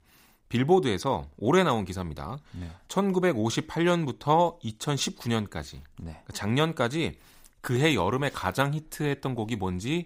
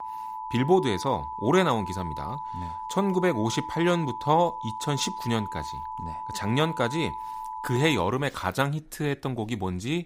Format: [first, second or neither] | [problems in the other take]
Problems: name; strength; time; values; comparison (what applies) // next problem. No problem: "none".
first | alarm; noticeable; until 8 s; peak 9 dB below the speech